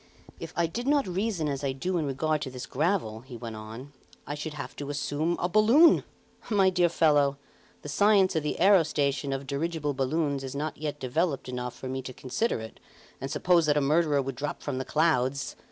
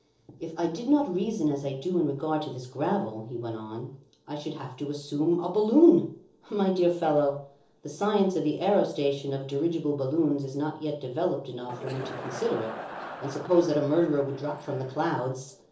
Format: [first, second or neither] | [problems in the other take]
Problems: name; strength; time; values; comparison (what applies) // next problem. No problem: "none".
first | noise reduction (neural separator model SepFormer DNS4)